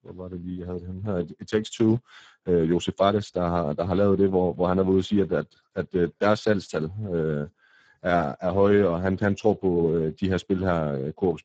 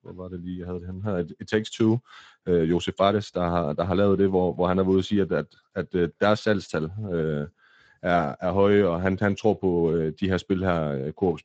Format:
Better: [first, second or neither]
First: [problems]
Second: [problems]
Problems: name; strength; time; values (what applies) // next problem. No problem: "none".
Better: second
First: garbled, watery; badly; nothing above 7.5 kHz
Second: garbled, watery; slightly; nothing above 7.5 kHz